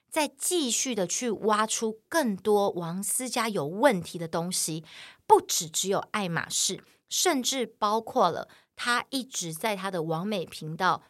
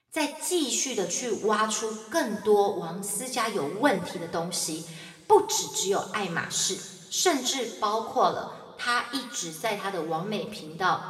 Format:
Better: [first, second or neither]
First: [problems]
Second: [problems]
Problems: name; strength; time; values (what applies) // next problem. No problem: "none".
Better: first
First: none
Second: room echo; slight; dies away in 1.6 s // off-mic speech; somewhat distant